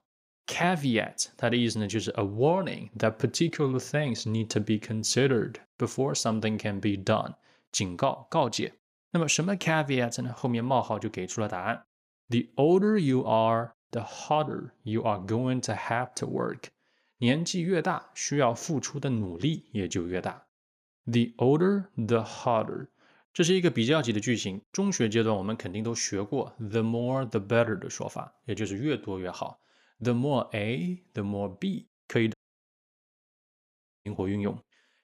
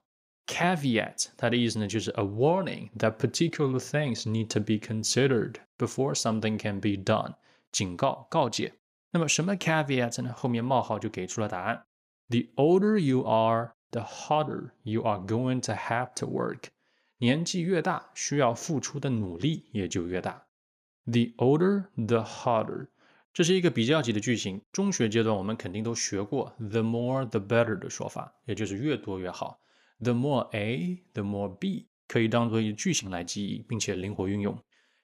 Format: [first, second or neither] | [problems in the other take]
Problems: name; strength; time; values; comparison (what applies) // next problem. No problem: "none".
second | audio cutting out; at 32 s for 1.5 s